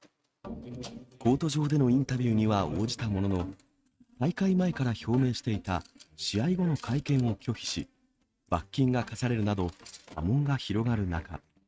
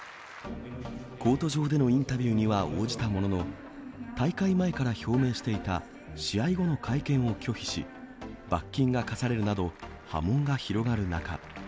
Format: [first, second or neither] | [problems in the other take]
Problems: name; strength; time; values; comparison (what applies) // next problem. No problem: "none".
second | noise reduction (neural mask model RNNoise)